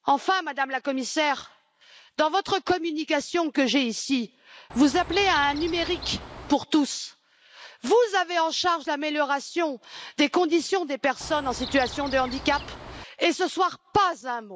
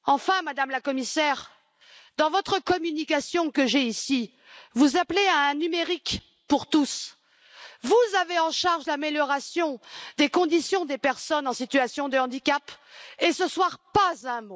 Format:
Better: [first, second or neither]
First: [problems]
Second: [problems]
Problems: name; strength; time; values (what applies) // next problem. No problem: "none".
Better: second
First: background sound (Chirp, tweet); 13 dB below the speech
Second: none